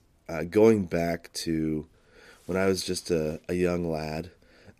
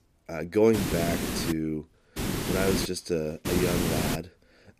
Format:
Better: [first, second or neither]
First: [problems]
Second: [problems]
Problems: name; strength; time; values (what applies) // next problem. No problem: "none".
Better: first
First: none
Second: hiss; loud; at 0.5 s, at 2 s and at 3.5 s; 1 dB below the speech